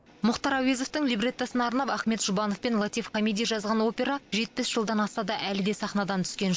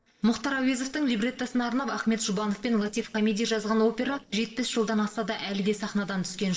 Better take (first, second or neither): first